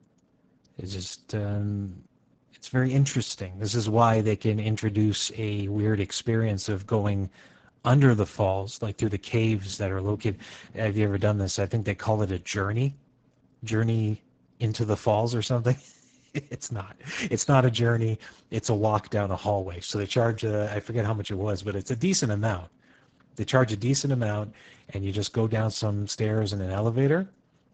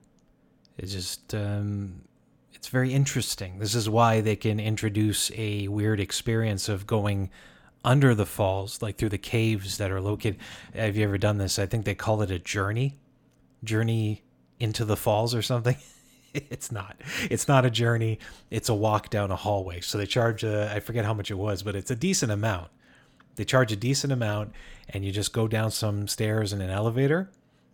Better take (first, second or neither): second